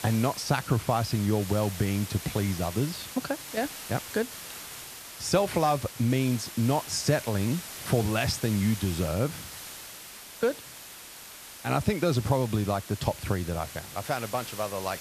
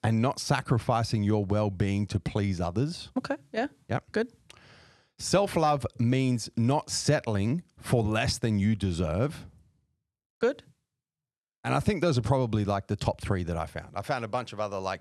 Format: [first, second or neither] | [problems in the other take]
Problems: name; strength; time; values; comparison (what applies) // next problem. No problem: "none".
second | hiss; noticeable; throughout; 10 dB below the speech